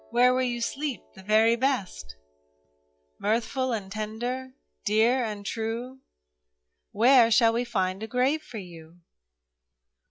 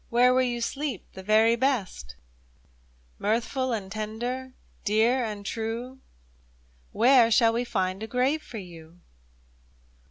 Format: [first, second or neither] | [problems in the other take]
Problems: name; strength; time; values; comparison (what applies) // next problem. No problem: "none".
second | noise reduction (classical method log-MMSE)